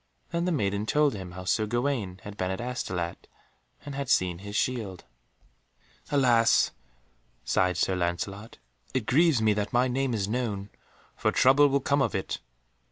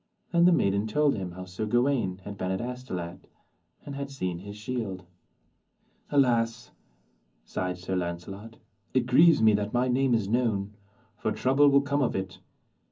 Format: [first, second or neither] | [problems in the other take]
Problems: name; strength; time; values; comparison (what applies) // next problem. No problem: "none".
first | room echo; dies away in 0.4 s